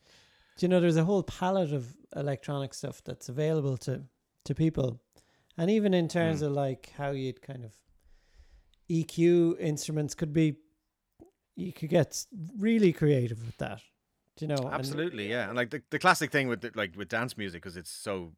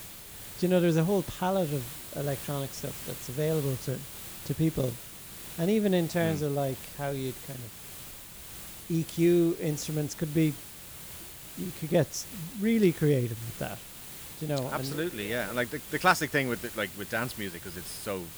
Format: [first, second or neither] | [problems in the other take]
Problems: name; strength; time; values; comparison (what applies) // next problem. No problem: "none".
first | hiss; noticeable; throughout; 10 dB below the speech